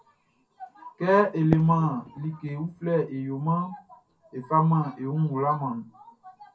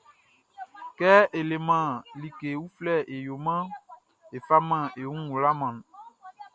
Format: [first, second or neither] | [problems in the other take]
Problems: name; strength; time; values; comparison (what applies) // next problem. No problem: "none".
second | background sound (Fireworks); 16 dB below the speech // room echo; dies away in 0.3 s